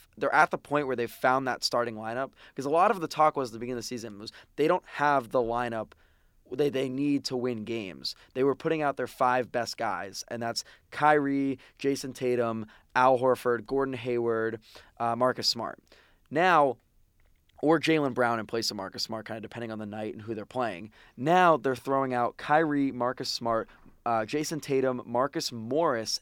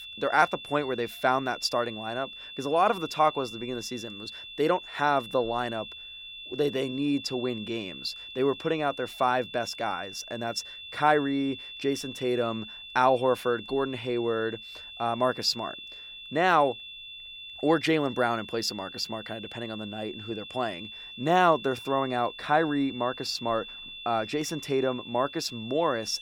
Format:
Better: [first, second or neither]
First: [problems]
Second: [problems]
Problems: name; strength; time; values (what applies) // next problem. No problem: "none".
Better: first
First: none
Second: high-pitched whine; noticeable; throughout; 3.5 kHz, 10 dB below the speech